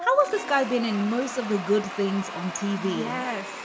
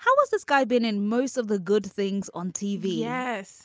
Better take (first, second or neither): second